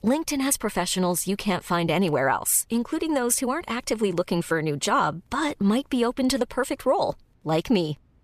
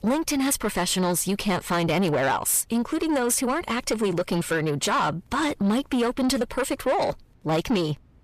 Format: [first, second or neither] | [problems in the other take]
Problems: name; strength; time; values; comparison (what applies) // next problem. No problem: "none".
first | distortion; slight; 10 dB below the speech